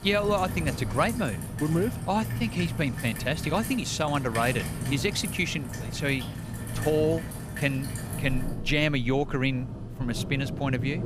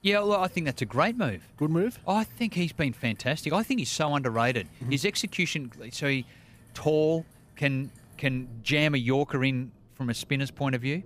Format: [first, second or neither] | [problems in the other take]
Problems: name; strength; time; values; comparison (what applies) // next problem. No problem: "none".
second | rain or running water; loud; throughout; 6 dB below the speech; faint in the second